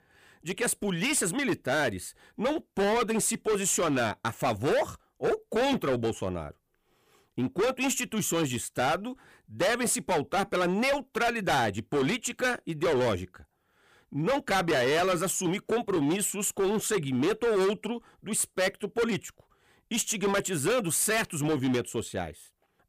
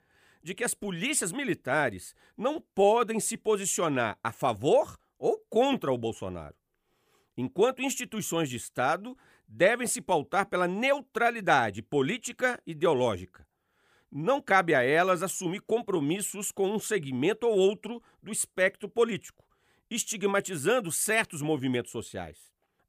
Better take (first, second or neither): second